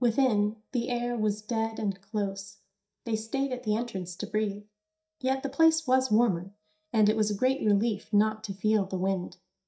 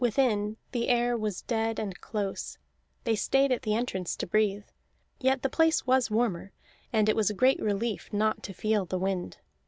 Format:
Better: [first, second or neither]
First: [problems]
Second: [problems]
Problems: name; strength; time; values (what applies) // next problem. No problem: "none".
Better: second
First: noise reduction (neural mask model DeepFilterNet 3)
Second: none